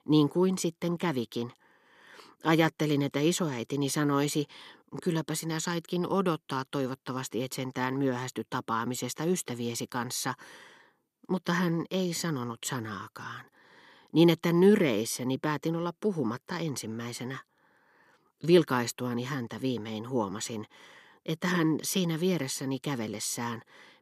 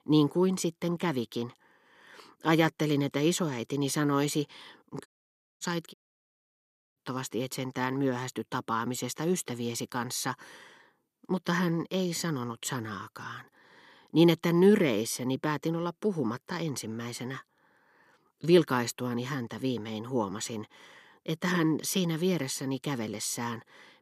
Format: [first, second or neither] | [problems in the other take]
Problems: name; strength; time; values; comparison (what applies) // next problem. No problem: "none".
first | audio cutting out; at 5 s for 0.5 s and at 6 s for 1 s